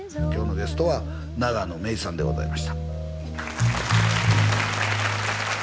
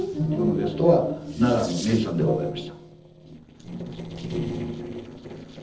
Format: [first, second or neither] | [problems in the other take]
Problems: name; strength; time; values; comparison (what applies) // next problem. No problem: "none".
first | noise reduction (neural separator model SepFormer DNS4)